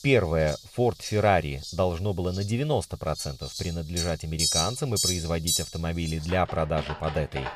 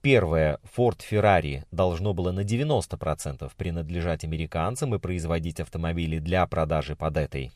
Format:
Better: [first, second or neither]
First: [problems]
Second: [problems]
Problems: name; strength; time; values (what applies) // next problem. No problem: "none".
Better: second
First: animal sounds; loud; throughout; 3 dB below the speech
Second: none